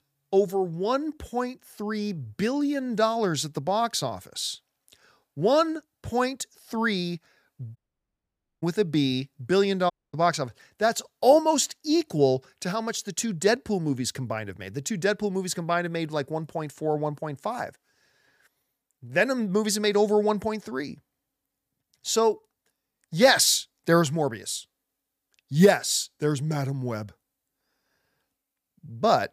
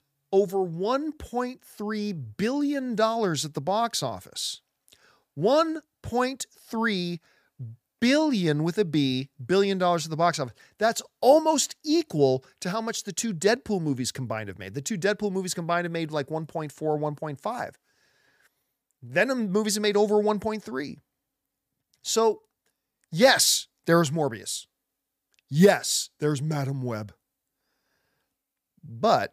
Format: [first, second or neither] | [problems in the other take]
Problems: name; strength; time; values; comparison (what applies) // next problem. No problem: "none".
second | audio cutting out; at 8 s for 1 s and at 10 s